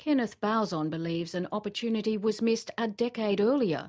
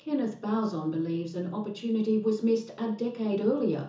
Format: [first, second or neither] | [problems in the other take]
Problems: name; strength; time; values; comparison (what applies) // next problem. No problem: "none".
first | room echo; dies away in 0.7 s